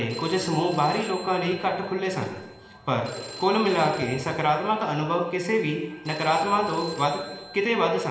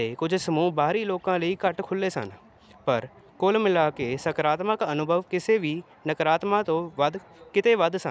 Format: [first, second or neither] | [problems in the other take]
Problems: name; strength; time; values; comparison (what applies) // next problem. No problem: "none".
second | background sound (Telephone); 16 dB below the speech // room echo; dies away in 1.1 s